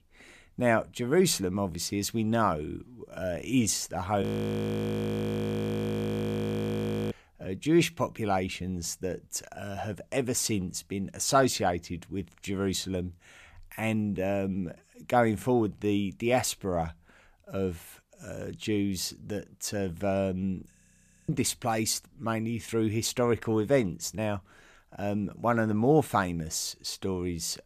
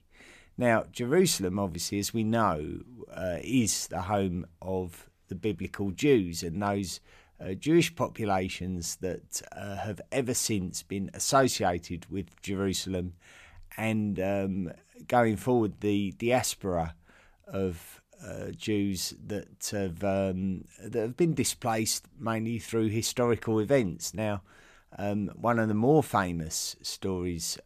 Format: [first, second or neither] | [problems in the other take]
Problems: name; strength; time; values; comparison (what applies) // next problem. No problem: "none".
second | audio freezing; at 4 s for 3 s and at 21 s for 0.5 s